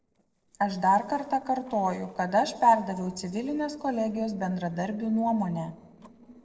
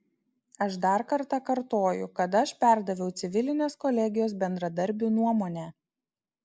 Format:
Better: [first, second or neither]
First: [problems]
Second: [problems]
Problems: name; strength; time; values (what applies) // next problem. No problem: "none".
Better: second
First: noise reduction (neural separator model SepFormer DNS4)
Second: none